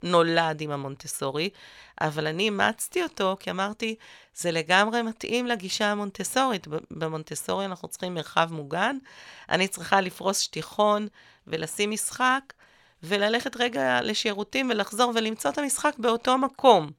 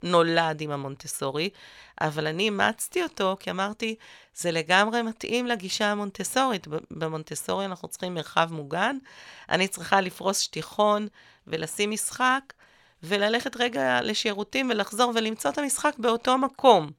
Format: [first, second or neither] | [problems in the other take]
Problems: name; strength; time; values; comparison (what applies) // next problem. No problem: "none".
neither | none